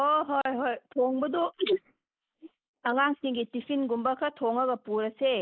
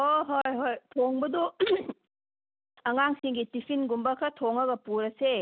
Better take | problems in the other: second | noise reduction (neural mask model Resemble Enhance denoiser)

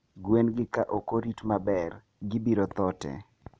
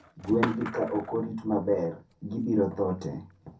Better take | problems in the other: first | background sound (Skateboard); 12 dB below the speech // room echo; dies away in 0.3 s

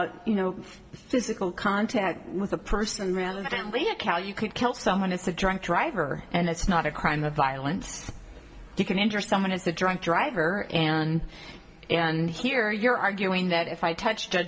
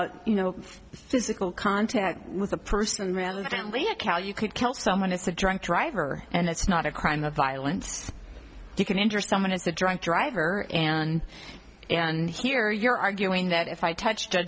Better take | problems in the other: second | room echo; dies away in 1 s

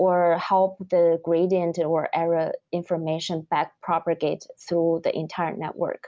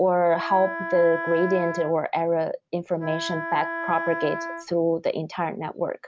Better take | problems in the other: first | background sound (Wind instrument, woodwind instrument); 7 dB below the speech

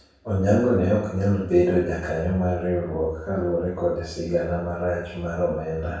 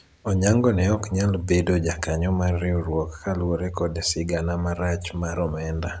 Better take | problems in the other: second | room echo; dies away in 0.7 s

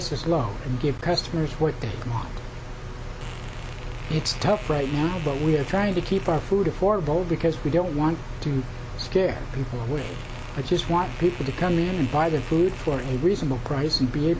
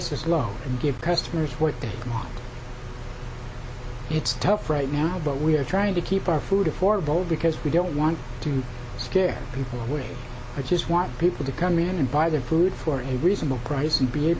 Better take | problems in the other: second | background sound (Fart); 19 dB below the speech

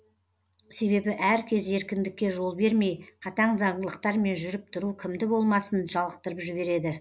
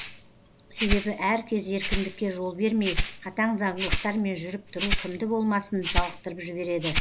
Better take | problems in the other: first | background sound (Rattle (instrument)); 2 dB below the speech

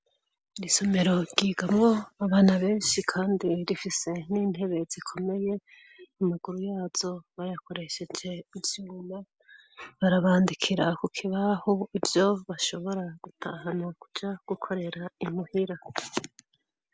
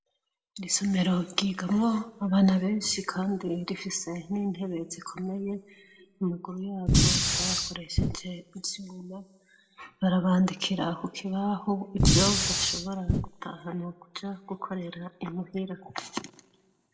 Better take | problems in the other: first | background sound (Fire); 5 dB above the speech // room echo; dies away in 0.7 s

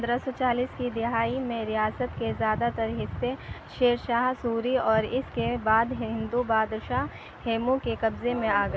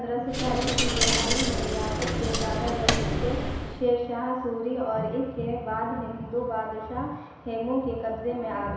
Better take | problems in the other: first | background sound (Coin (dropping)); 3 dB above the speech // room echo; dies away in 1 s

